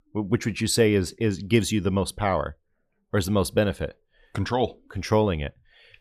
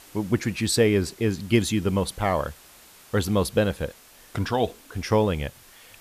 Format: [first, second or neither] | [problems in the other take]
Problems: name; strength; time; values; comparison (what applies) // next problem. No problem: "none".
first | hiss; faint; throughout; 25 dB below the speech